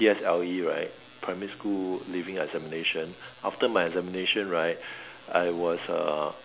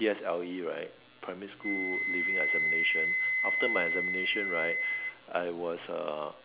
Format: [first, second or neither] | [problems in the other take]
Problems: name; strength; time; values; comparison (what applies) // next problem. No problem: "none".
first | background sound (Wind instrument, woodwind instrument); 3 dB above the speech